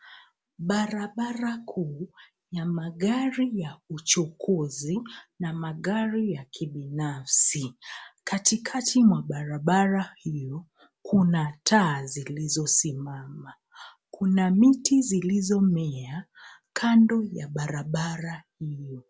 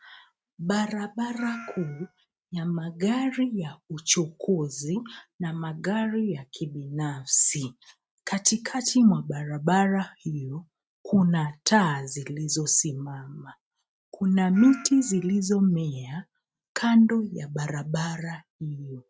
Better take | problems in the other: first | noise reduction (neural mask model RNNoise)

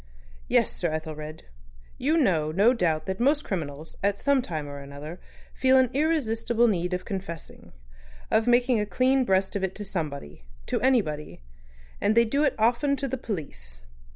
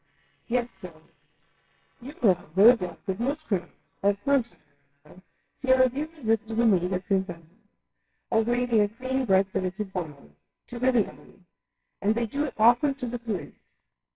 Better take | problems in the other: first | noise reduction (neural separator model SepFormer WHAMR!)

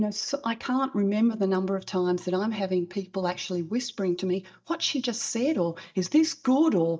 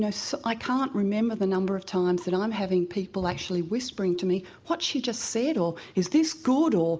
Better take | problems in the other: second | noise reduction (neural mask model DeepFilterNet 3)

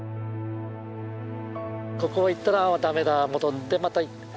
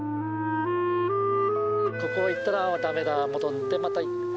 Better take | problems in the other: first | background sound (Wind instrument, woodwind instrument); 3 dB above the speech

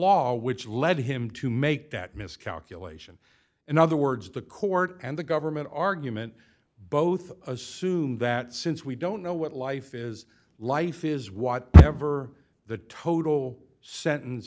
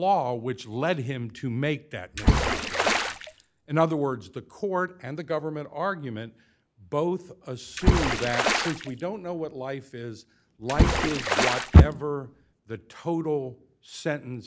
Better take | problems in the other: first | background sound (Water / Splash, splatter); 1 dB above the speech

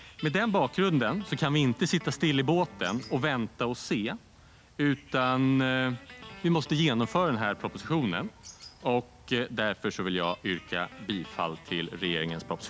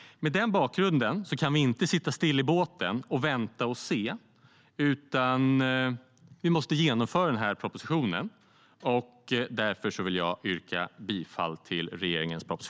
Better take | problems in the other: second | background sound (Bird + Guitar); 20 dB below the speech

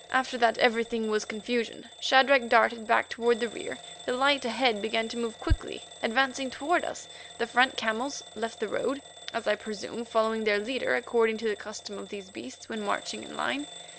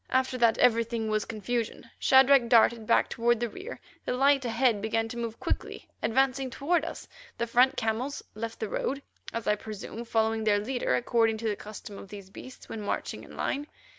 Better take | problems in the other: second | background sound (Alarm / Bell); 18 dB below the speech

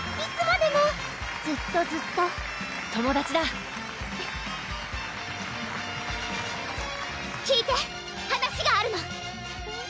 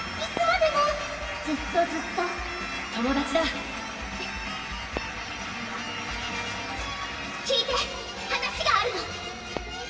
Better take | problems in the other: first | background sound (Fireworks); 19 dB below the speech // room echo; dies away in 2.3 s

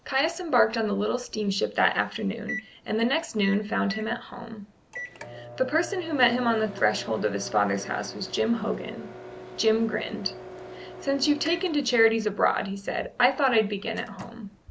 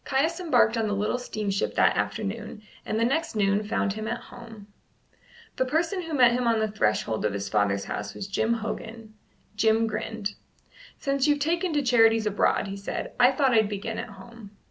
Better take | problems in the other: second | background sound (Microwave oven); 16 dB below the speech

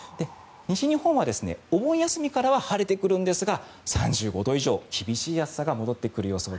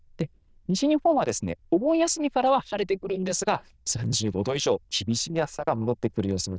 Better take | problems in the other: first | noise reduction (neural diffusion model UNIVERSE++)

